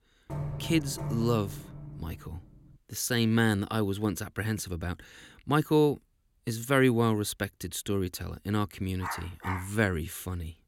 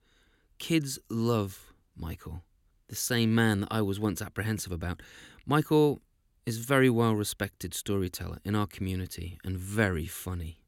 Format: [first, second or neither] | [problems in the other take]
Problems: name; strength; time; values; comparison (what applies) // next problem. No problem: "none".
second | door banging; noticeable; until 2.5 s; peak 6 dB below the speech // dog barking; noticeable; at 9 s; peak 9 dB below the speech